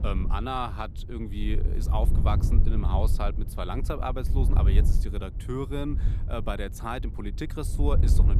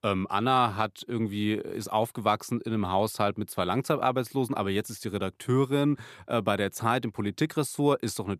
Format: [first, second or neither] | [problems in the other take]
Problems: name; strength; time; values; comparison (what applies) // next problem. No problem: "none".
second | wind noise on the microphone; heavy; 10 dB below the speech